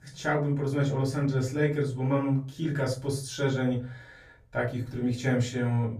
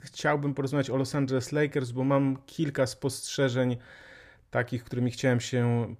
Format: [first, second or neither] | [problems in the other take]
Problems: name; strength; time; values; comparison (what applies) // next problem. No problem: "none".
second | room echo; slight; dies away in 0.3 s // off-mic speech; far